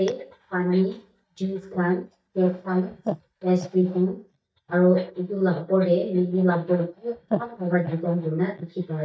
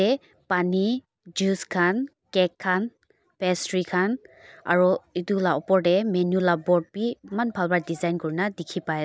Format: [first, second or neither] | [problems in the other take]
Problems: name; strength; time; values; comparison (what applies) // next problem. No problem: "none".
second | noise reduction (neural mask model DeepFilterNet 3)